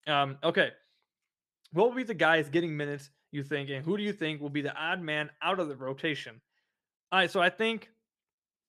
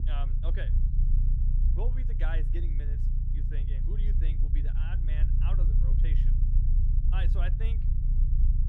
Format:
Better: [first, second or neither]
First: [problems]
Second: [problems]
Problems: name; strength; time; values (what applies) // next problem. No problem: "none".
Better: first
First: none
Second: low rumble; loud; throughout; 2 dB below the speech